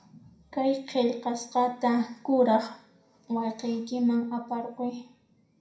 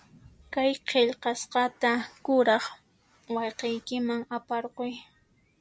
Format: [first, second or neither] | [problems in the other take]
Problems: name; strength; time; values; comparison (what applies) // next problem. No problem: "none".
second | room echo; dies away in 0.5 s